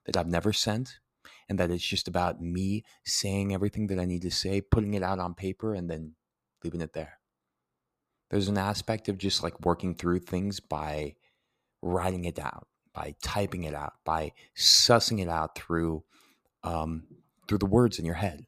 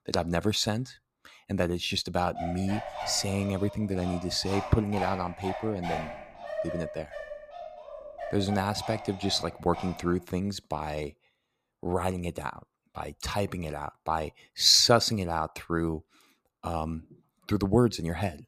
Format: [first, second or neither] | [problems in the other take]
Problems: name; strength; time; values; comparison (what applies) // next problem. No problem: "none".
first | dog barking; noticeable; from 2.5 to 10 s; peak 6 dB below the speech